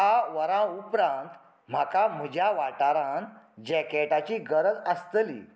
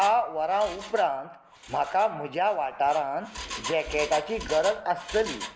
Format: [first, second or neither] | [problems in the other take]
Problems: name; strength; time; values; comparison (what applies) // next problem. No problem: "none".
first | background sound (Engine); 13 dB below the speech